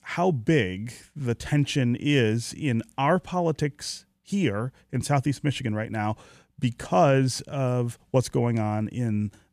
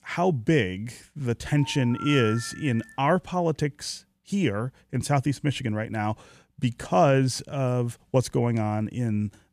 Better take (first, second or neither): first